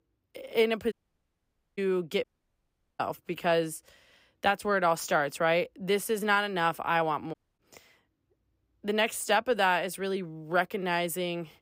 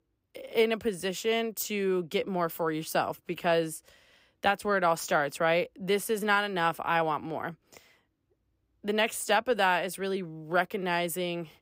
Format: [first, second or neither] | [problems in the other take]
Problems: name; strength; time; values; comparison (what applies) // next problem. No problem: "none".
second | audio cutting out; at 1 s for 1 s, at 2 s for 1 s and at 7.5 s